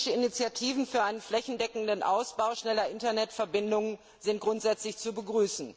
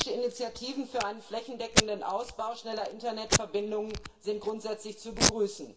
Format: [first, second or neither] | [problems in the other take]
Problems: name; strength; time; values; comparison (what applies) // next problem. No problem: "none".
first | background sound (Packing tape, duct tape); 1 dB above the speech // room echo; dies away in 0.4 s